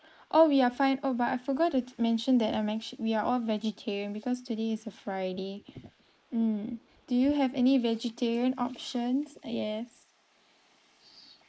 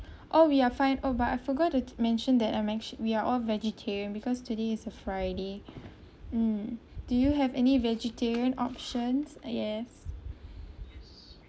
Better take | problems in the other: second | noise reduction (neural mask model Resemble Enhance denoiser)

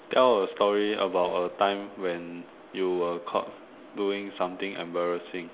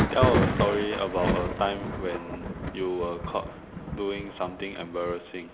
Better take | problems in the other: first | background sound (Thunder); 1 dB below the speech

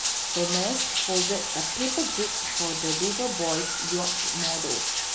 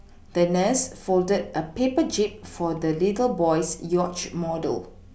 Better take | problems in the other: second | background sound (Bathtub (filling or washing)); 4 dB above the speech

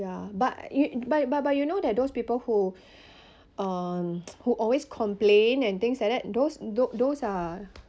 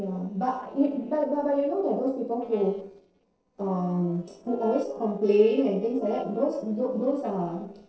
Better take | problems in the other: first | noise reduction (neural separator model SepFormer DNS4)

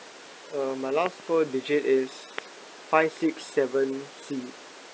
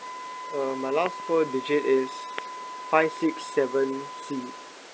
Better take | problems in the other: first | background sound (Wind instrument, woodwind instrument); 11 dB below the speech

